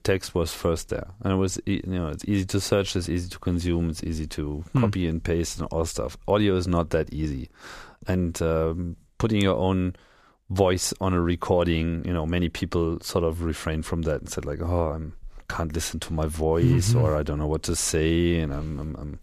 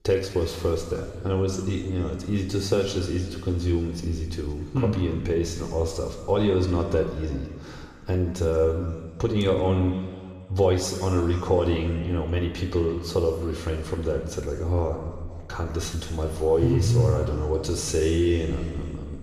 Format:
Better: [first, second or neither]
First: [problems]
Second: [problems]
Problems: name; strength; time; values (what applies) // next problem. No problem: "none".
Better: first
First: none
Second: room echo; noticeable; dies away in 1.9 s // off-mic speech; somewhat distant